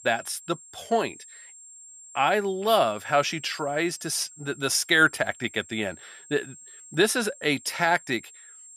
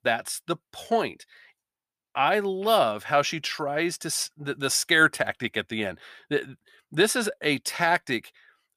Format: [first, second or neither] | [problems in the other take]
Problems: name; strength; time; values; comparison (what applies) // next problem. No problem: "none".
second | high-pitched whine; noticeable; throughout; 7.5 kHz, 20 dB below the speech